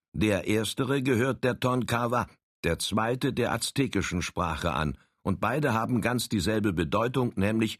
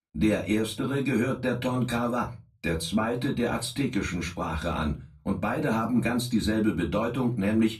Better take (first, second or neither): first